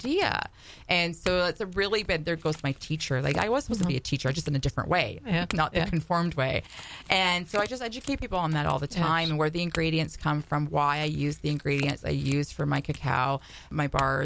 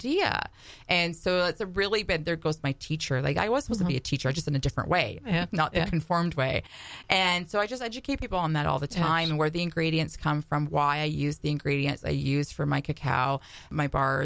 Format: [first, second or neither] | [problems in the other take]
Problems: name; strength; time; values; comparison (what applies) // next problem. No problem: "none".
second | background sound (Chink, clink / Domestic sounds, home sounds); 18 dB below the speech